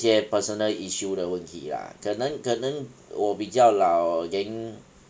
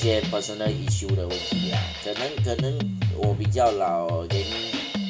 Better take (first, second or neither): first